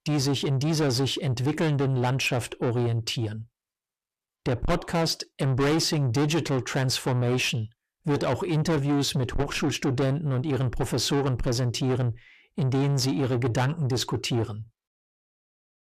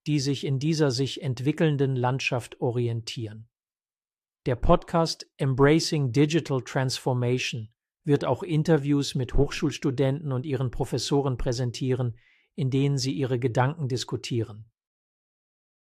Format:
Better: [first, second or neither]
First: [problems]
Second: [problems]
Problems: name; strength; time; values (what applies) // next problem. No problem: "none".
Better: second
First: distortion; heavy; 6 dB below the speech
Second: none